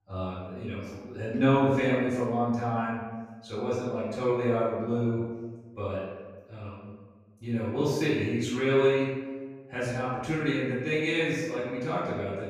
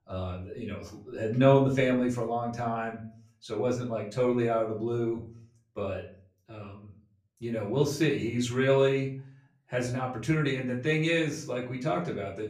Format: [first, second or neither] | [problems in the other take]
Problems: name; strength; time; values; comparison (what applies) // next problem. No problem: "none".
second | room echo; strong; dies away in 1.2 s; slight in the second // off-mic speech; far; far in the second